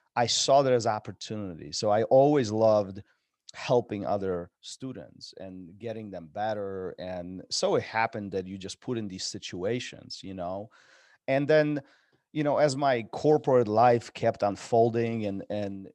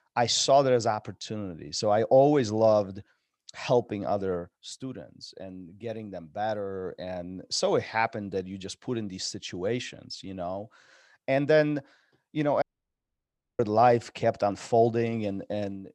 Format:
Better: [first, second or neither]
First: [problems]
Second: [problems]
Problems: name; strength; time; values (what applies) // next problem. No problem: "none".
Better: first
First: none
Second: audio cutting out; at 13 s for 1 s